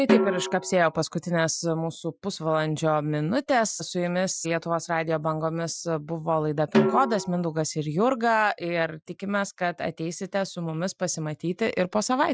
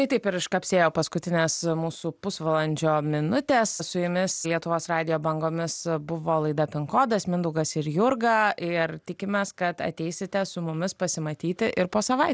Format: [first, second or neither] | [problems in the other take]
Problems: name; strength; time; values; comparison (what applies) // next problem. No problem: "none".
second | noise reduction (classical method Wiener filter)